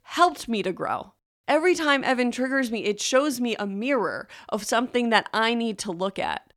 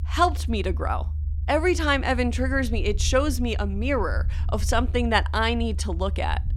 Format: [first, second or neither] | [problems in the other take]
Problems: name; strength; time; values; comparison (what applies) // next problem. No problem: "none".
first | low rumble; faint; throughout; 20 dB below the speech